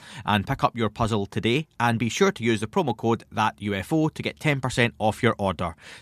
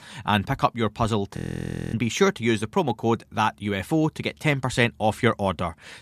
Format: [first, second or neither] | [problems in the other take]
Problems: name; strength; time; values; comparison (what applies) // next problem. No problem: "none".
first | audio freezing; at 1.5 s for 0.5 s